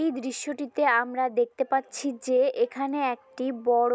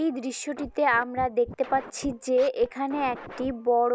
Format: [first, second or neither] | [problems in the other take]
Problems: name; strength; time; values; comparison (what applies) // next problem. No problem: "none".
first | background sound (Scratching (performance technique)); 17 dB below the speech